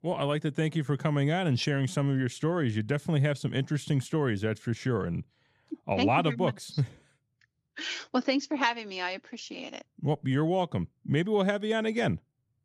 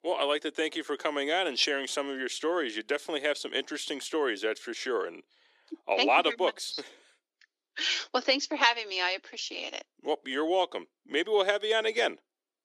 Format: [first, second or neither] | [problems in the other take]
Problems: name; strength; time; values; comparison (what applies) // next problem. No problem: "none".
first | thin; very; fading below 350 Hz